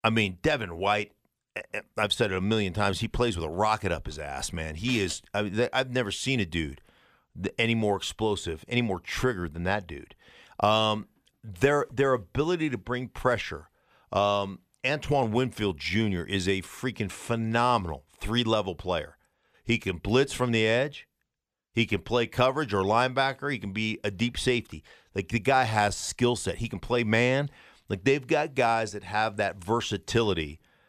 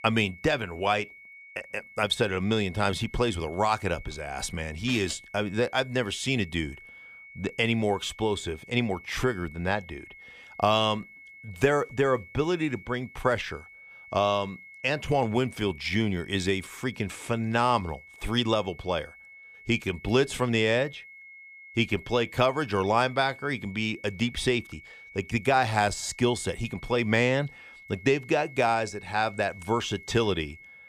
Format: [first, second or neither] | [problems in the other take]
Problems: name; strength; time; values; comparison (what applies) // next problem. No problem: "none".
first | high-pitched whine; noticeable; throughout; 2 kHz, 20 dB below the speech